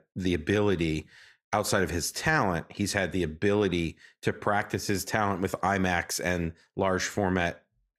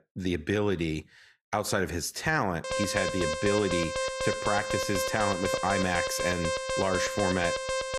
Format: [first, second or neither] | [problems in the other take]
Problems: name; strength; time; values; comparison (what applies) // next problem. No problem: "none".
first | alarm; loud; from 2.5 s on; peak level with the speech